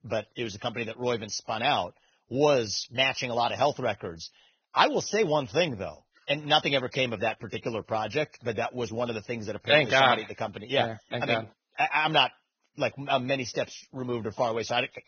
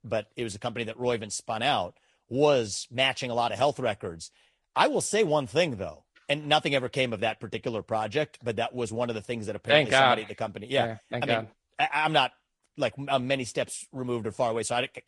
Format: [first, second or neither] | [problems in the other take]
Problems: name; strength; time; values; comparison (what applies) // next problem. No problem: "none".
second | garbled, watery; badly; nothing above 6.5 kHz; slightly in the second